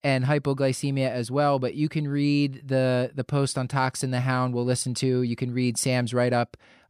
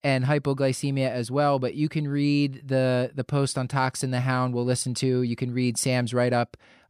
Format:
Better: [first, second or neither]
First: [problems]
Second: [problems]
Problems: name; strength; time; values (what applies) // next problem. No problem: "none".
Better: neither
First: none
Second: none